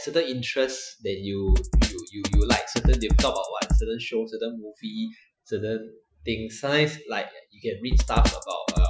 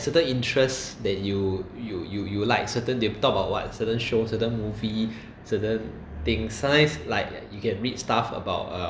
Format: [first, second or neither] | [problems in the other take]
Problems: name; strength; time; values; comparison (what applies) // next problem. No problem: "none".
second | noise reduction (classical method Wiener filter)